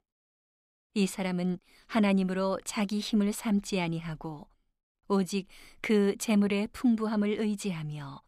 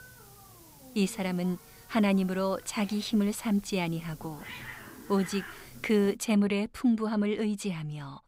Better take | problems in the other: first | hiss; noticeable; until 6 s; 20 dB below the speech

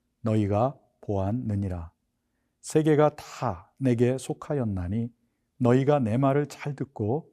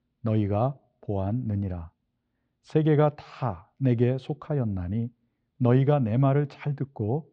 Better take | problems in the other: first | muffled; slightly; fading above 4 kHz

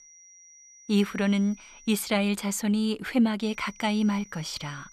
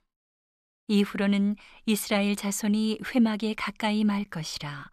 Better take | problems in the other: second | high-pitched whine; faint; until 2 s and from 3.5 s on; 6 kHz, 25 dB below the speech

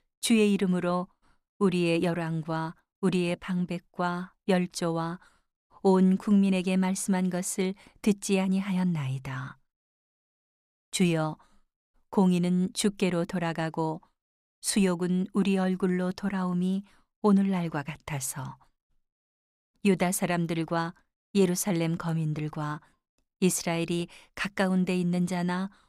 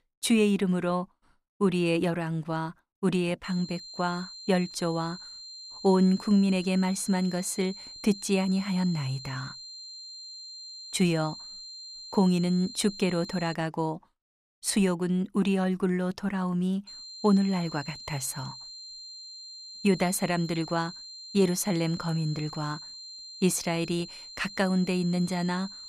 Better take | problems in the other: first | high-pitched whine; noticeable; from 3.5 to 14 s and from 17 s on; 4 kHz, 15 dB below the speech

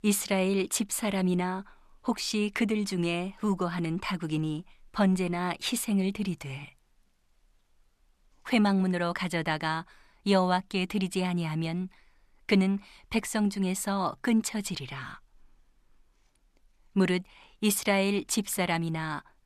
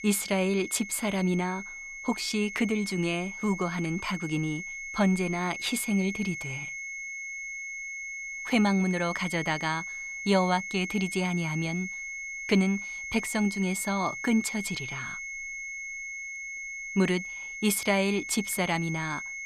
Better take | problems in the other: first | high-pitched whine; loud; throughout; 2 kHz, 7 dB below the speech

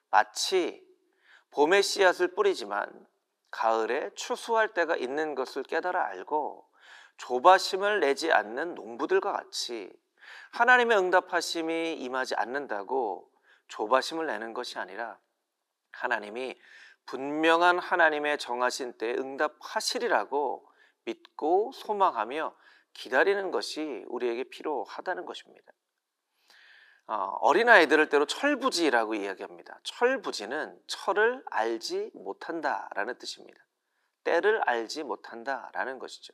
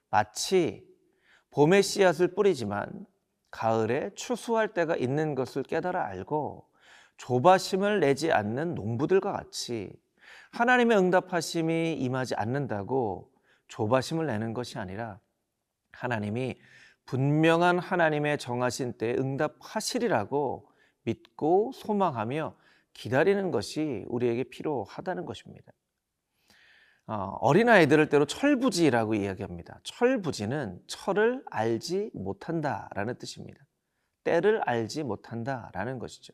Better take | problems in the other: second | thin; somewhat; fading below 300 Hz

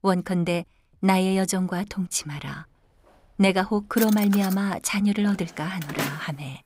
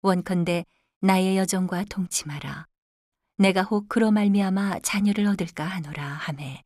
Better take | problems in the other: second | household noises; loud; throughout; 10 dB below the speech

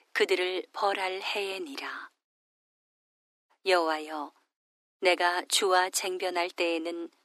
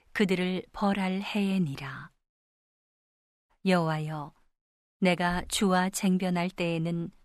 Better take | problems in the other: second | thin; very; fading below 300 Hz

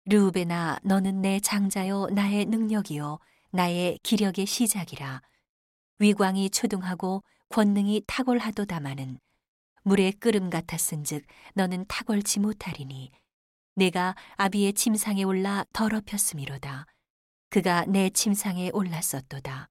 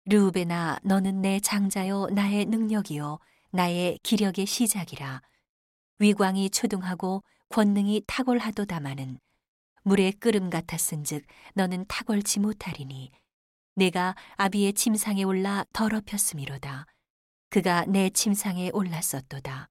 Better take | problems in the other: neither | none

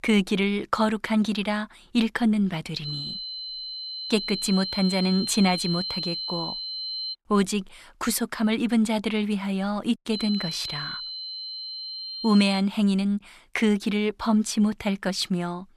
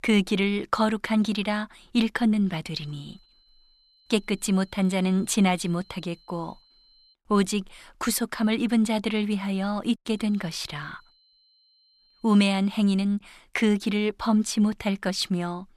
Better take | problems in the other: second | high-pitched whine; loud; from 3 to 7 s and from 10 to 13 s; 4 kHz, 6 dB below the speech; faint in the second

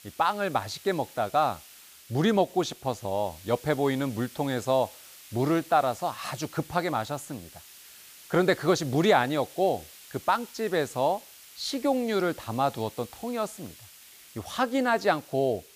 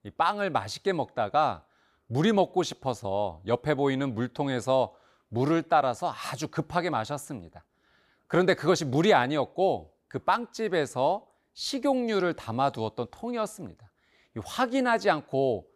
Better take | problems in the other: second | hiss; noticeable; throughout; 20 dB below the speech

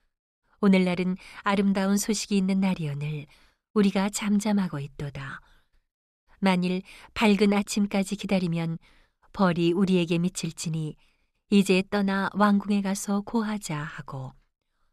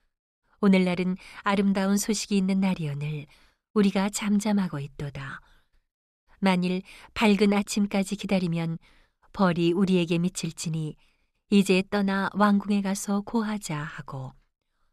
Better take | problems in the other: neither | none

